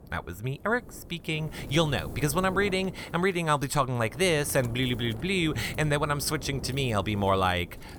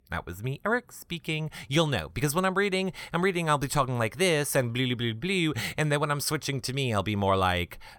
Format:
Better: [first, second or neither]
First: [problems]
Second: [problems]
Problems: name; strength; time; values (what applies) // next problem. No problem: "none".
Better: second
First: wind noise on the microphone; occasional gusts; 20 dB below the speech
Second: none